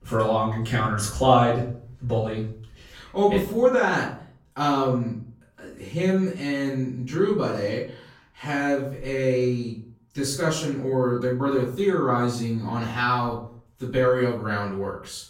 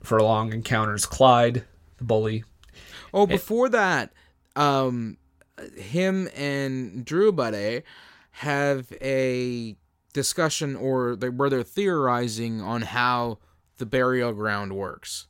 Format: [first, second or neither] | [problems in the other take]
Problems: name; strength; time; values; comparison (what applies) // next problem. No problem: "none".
second | off-mic speech; far // room echo; noticeable; dies away in 0.4 s